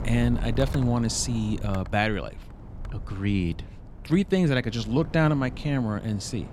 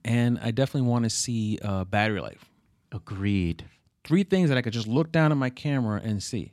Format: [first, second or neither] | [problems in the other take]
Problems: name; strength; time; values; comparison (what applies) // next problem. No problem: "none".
second | wind noise on the microphone; occasional gusts; 15 dB below the speech